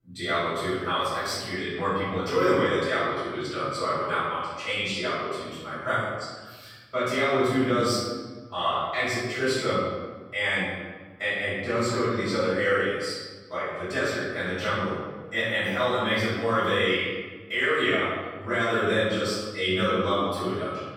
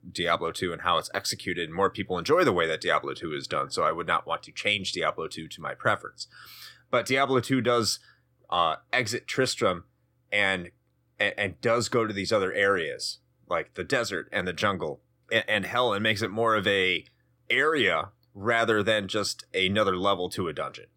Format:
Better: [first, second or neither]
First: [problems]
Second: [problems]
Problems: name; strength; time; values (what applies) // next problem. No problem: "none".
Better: second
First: off-mic speech; far // room echo; strong; dies away in 1.2 s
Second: none